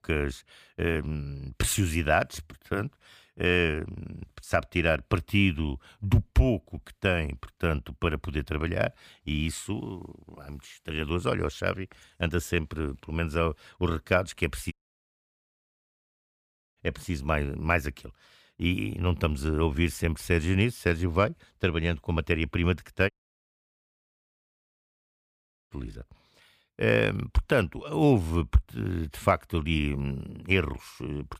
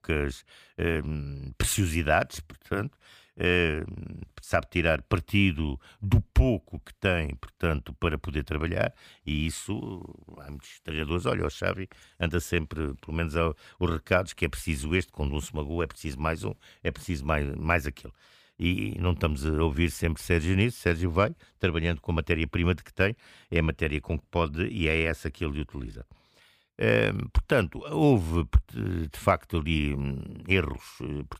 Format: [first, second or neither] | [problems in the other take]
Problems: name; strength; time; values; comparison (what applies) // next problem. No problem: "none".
second | audio cutting out; at 15 s for 2 s and at 23 s for 2.5 s